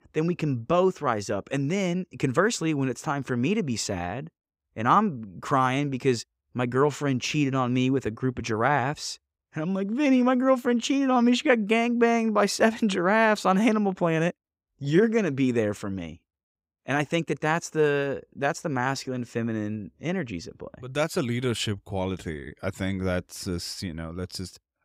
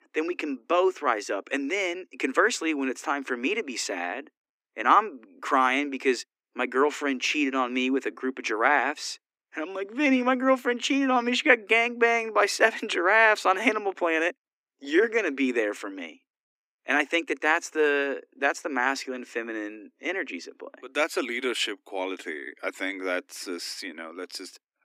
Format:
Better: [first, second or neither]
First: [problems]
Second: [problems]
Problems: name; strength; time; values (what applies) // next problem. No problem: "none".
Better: first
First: none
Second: thin; very slightly; fading below 250 Hz